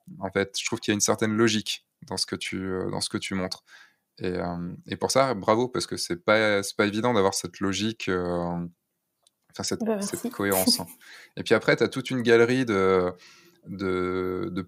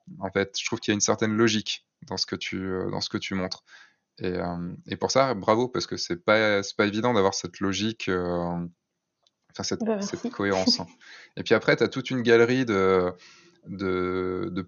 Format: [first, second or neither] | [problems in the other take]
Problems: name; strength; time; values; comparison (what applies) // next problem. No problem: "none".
first | garbled, watery; slightly; nothing above 6.5 kHz